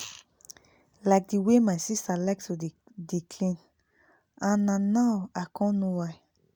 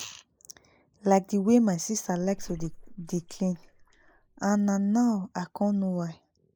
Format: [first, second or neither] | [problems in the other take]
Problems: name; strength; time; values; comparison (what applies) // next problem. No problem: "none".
first | noise reduction (neural mask model Resemble Enhance denoiser)